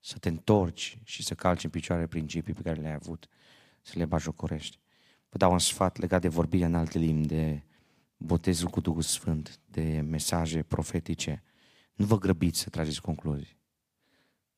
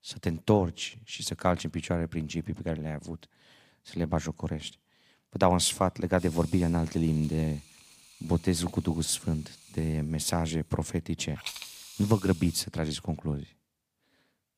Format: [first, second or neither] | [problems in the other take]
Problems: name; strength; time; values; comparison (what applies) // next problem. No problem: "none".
first | hiss; noticeable; from 6 to 13 s; 15 dB below the speech